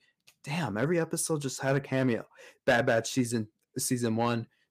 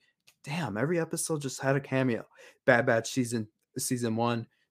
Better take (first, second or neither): second